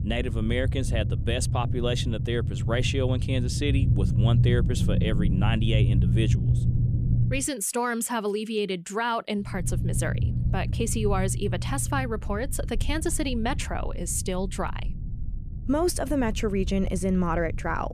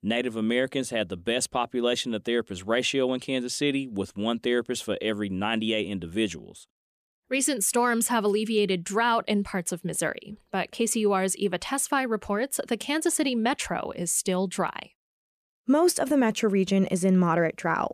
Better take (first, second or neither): second